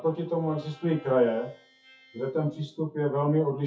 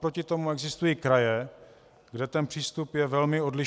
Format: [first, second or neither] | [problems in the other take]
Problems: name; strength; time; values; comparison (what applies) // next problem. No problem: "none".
second | noise reduction (classical method WPE with log-MMSE)